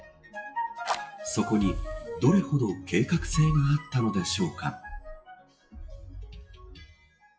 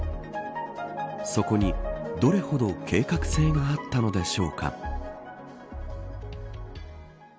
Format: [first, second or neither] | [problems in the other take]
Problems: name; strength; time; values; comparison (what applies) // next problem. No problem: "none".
second | noise reduction (classical method WPE with log-MMSE)